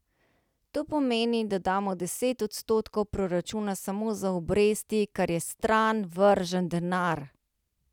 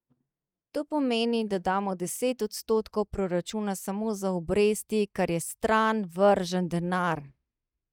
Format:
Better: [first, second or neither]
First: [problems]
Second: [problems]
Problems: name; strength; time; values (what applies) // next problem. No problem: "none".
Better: first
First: none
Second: noise reduction (neural mask model DeepFilterNet 3)